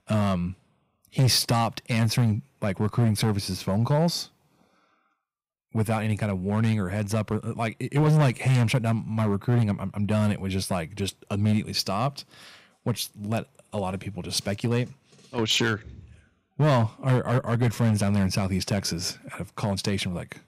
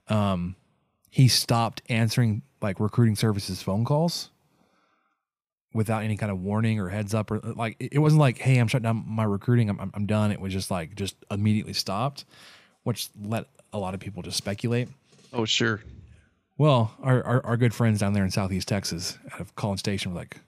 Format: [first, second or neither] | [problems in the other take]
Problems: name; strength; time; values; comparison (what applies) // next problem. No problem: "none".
second | distortion; slight; 5% of the sound clipped